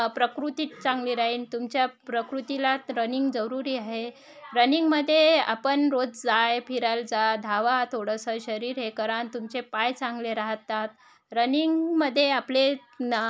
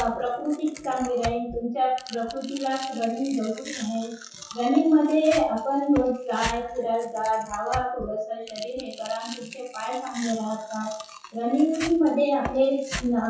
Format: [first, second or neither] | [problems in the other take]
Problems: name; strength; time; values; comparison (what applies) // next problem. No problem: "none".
first | noise reduction (classical method WPE with log-MMSE)